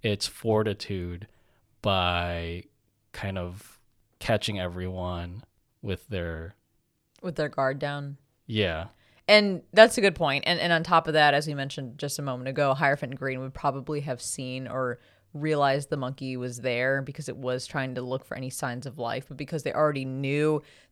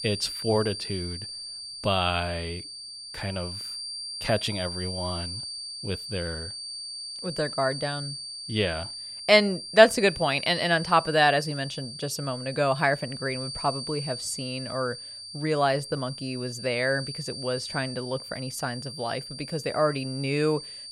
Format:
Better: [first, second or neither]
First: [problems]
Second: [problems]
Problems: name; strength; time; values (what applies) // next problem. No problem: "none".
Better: first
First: none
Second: high-pitched whine; loud; throughout; 4.5 kHz, 8 dB below the speech